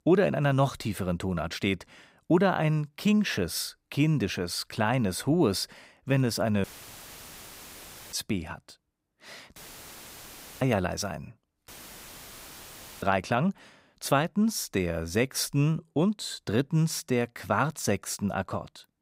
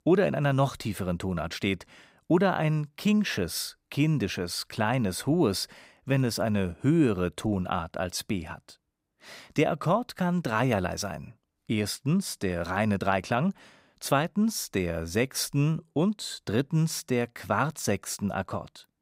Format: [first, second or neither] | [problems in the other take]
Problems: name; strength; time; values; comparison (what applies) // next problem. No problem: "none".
second | audio cutting out; filled with static; at 6.5 s for 1.5 s, at 9.5 s for 1 s and at 12 s for 1.5 s